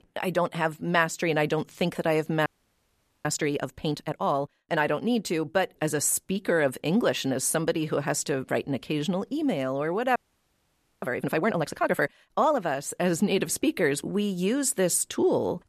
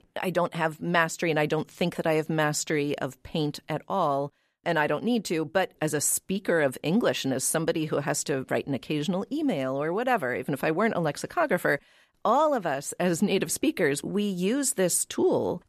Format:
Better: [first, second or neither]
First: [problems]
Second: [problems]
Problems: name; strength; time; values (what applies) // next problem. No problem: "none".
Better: second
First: audio freezing; at 2.5 s for 1 s and at 10 s for 1 s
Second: none